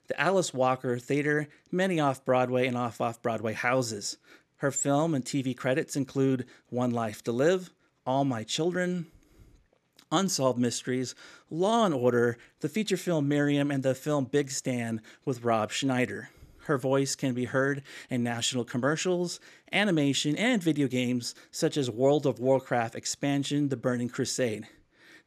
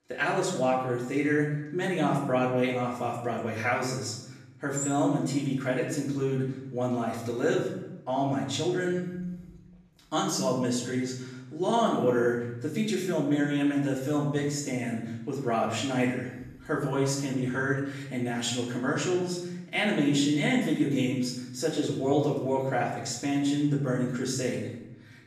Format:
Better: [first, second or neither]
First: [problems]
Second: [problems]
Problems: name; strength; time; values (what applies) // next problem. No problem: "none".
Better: first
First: none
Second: off-mic speech; far // room echo; noticeable; dies away in 0.9 s